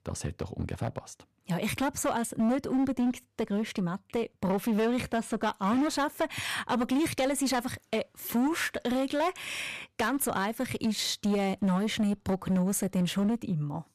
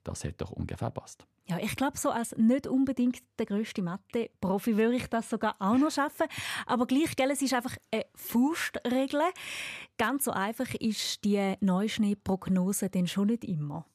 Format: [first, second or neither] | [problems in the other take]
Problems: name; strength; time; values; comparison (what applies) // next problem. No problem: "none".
second | distortion; slight; 12% of the sound clipped